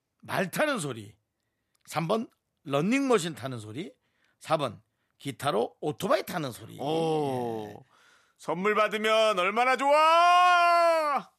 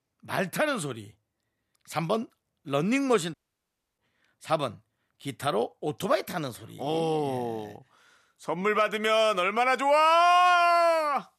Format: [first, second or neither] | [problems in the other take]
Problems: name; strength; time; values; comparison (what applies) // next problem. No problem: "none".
first | audio cutting out; at 3.5 s for 0.5 s